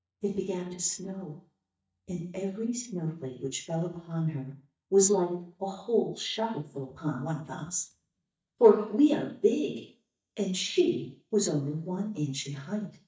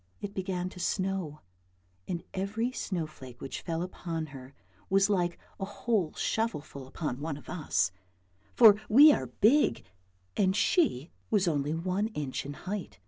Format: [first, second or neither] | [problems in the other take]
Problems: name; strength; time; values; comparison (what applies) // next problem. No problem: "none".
second | noise reduction (neural mask model DeepFilterNet 3)